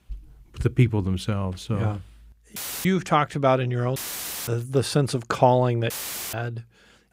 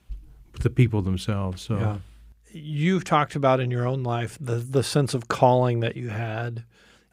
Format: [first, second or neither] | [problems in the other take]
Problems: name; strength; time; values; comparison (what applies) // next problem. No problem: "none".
second | audio cutting out; filled with static; at 2.5 s, at 4 s for 0.5 s and at 6 s